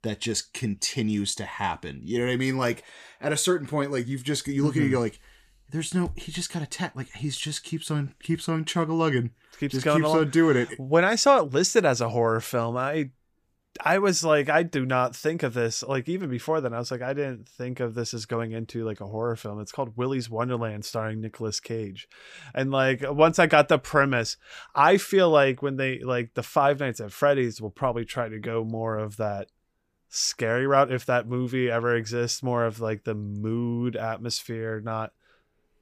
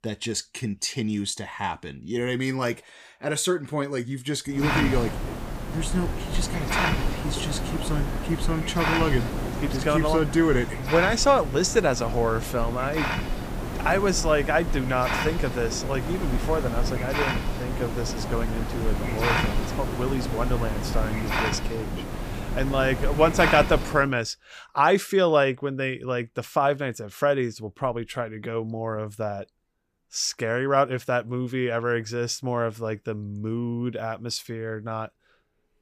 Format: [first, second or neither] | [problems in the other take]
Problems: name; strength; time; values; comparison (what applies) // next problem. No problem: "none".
first | hiss; loud; from 4.5 to 24 s; 3 dB below the speech